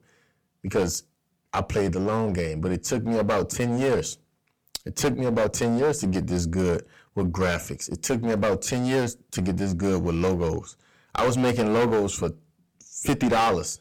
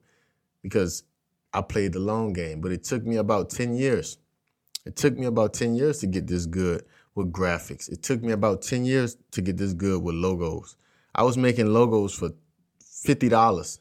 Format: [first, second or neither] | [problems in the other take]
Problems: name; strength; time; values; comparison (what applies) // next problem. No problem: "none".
second | distortion; heavy; 11% of the sound clipped